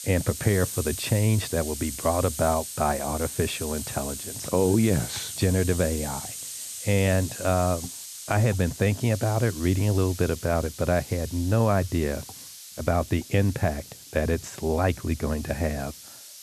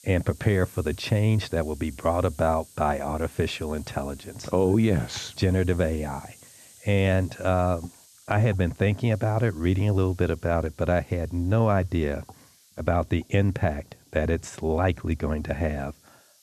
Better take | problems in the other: second | hiss; loud; throughout; 10 dB below the speech; faint in the second

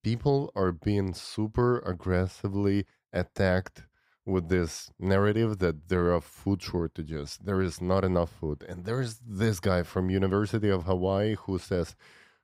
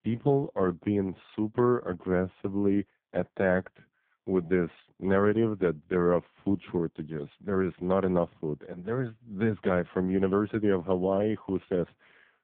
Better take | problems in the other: first | phone-call audio; poor line

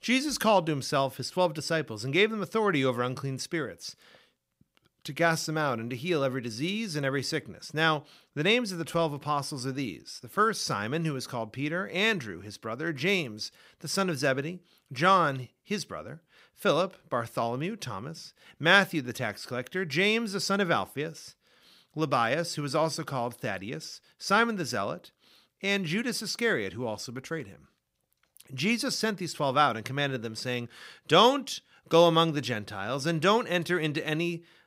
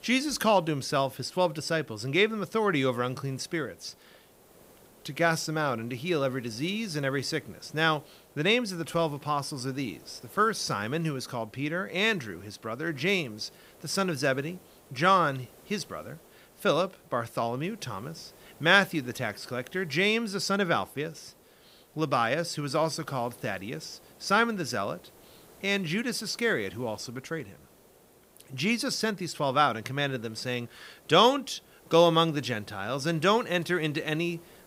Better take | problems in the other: first | hiss; faint; throughout; 25 dB below the speech

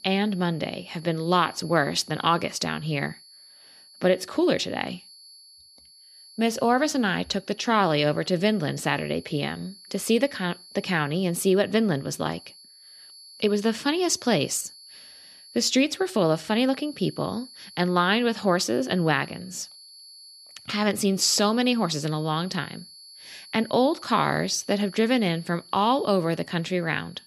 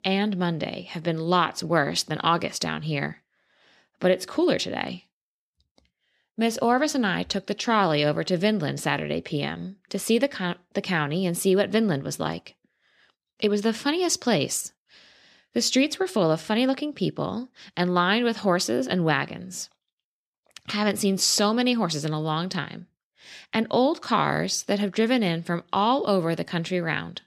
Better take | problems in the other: second | high-pitched whine; faint; throughout; 4.5 kHz, 20 dB below the speech

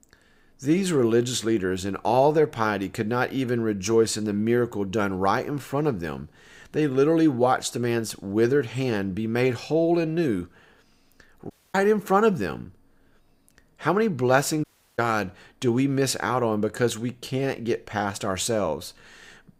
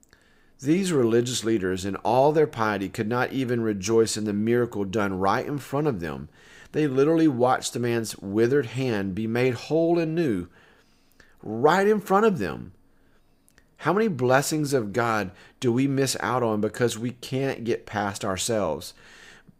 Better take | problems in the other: second | audio cutting out; at 12 s and at 15 s

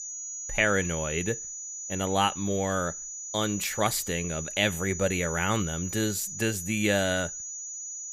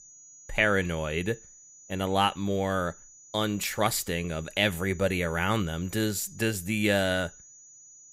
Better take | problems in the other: second | high-pitched whine; loud; throughout; 7 kHz, 7 dB below the speech; faint in the second

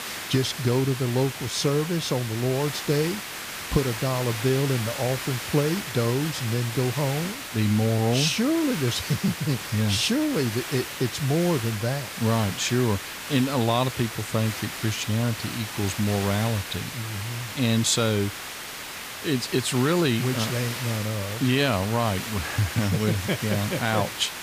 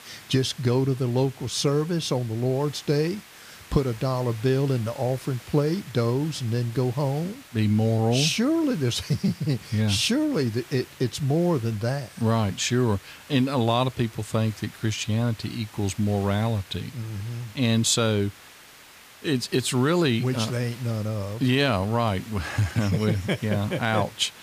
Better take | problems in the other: second | hiss; loud; throughout; 7 dB below the speech; faint in the second

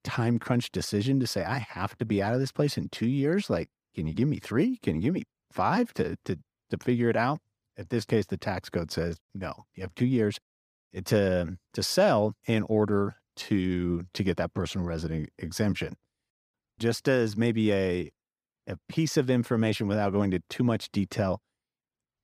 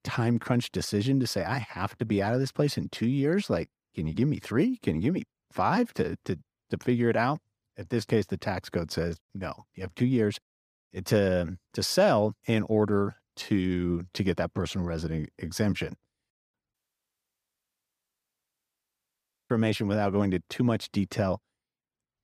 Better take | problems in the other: first | audio cutting out; at 17 s for 3 s

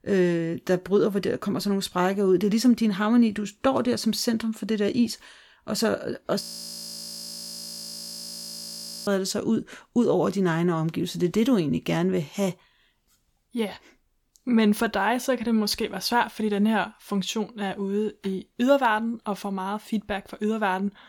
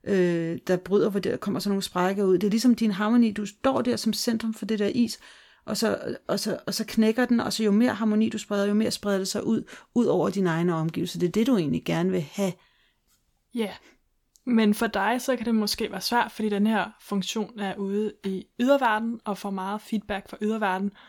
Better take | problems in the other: second | audio freezing; at 6.5 s for 2.5 s

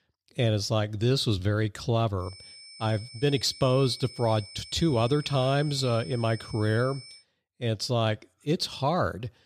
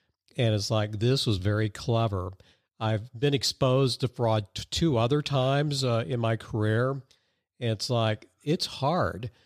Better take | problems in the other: second | high-pitched whine; noticeable; from 2 to 7 s; 5.5 kHz, 15 dB below the speech

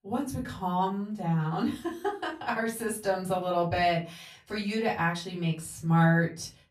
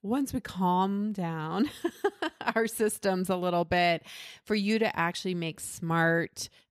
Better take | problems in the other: second | room echo; very slight; dies away in 0.3 s // off-mic speech; far

